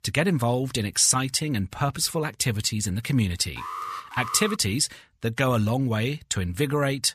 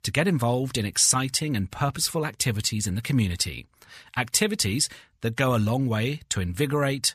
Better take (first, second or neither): second